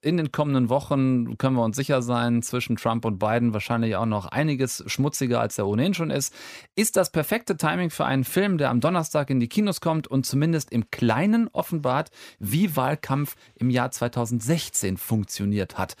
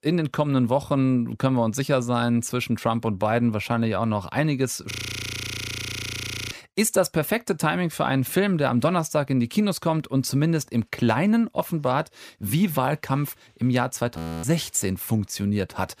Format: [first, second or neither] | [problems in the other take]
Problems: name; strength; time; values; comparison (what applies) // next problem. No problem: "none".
first | audio freezing; at 5 s for 1.5 s and at 14 s